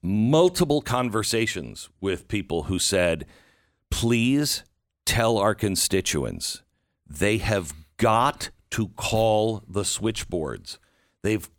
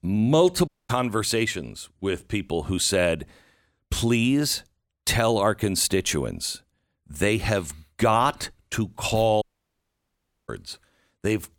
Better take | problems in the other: first | audio cutting out; at 0.5 s and at 9.5 s for 1 s

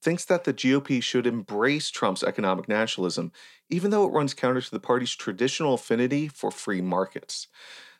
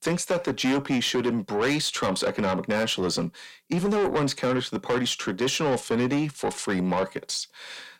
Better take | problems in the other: first | distortion; heavy; 8 dB below the speech

